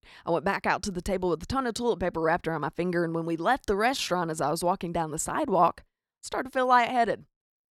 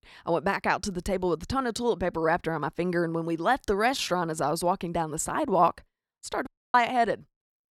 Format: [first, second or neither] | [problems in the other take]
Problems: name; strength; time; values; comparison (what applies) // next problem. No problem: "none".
first | audio cutting out; at 6.5 s